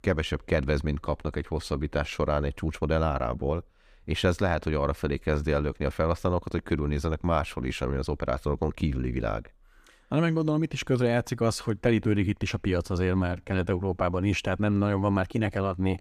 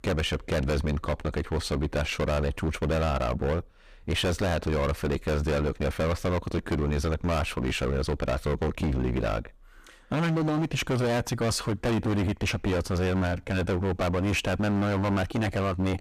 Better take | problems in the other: first | distortion; heavy; 27% of the sound clipped

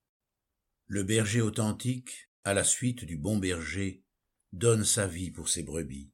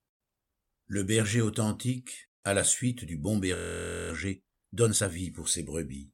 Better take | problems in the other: first | audio freezing; at 3.5 s for 0.5 s

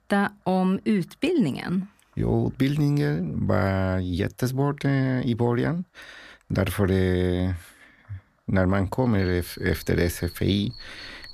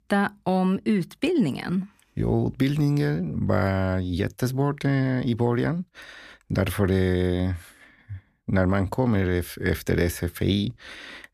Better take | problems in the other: second | animal sounds; noticeable; throughout; 20 dB below the speech

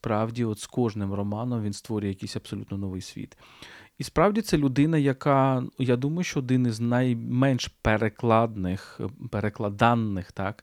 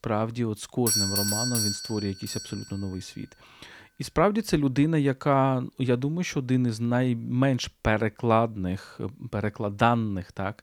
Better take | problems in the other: first | doorbell; loud; from 1 to 2.5 s; peak 4 dB above the speech

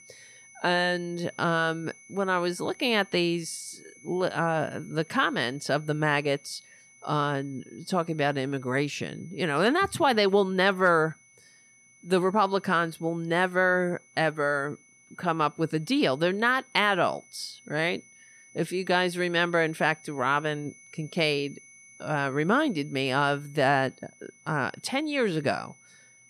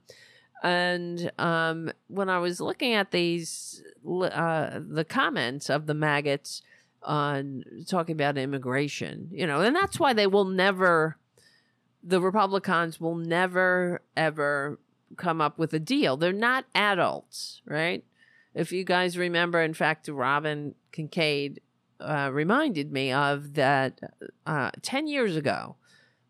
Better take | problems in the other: second | high-pitched whine; faint; throughout; 2 kHz, 25 dB below the speech

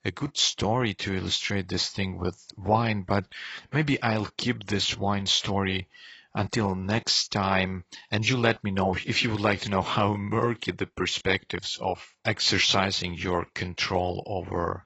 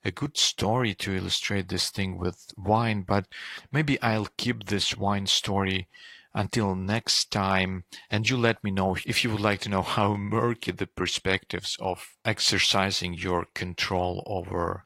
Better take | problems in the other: second | garbled, watery; badly; nothing above 7.5 kHz; slightly in the second

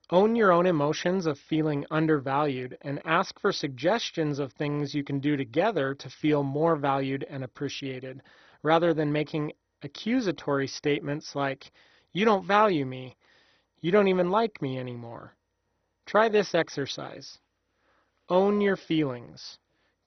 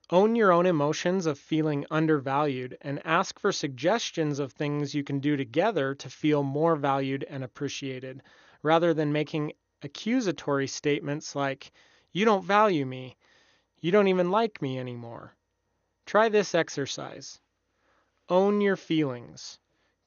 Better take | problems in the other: second | garbled, watery; badly; nothing above 6 kHz; slightly in the second

